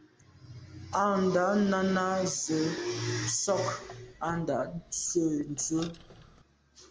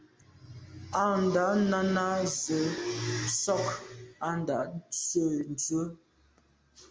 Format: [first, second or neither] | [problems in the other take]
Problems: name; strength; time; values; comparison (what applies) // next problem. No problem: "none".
second | background sound (Squeak); 20 dB below the speech